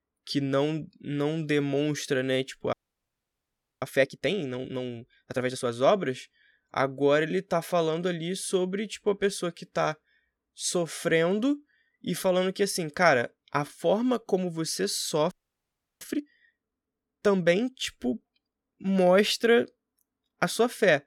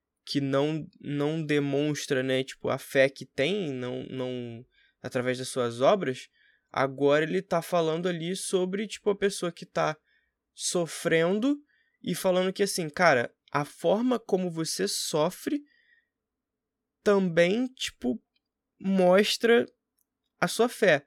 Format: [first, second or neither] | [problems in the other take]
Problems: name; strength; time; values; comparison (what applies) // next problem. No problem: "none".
second | audio freezing; at 2.5 s for 1 s and at 15 s for 0.5 s